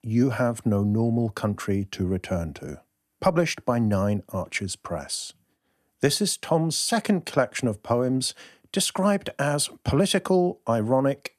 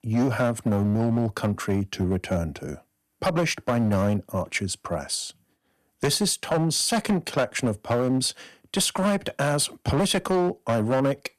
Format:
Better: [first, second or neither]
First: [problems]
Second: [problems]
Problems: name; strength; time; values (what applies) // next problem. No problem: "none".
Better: first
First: none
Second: distortion; slight; 9% of the sound clipped